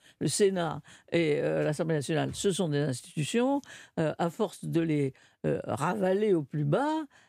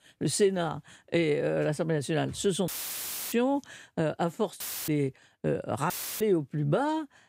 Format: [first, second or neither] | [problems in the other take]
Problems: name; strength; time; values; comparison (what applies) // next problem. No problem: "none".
first | audio cutting out; filled with static; at 2.5 s for 0.5 s, at 4.5 s and at 6 s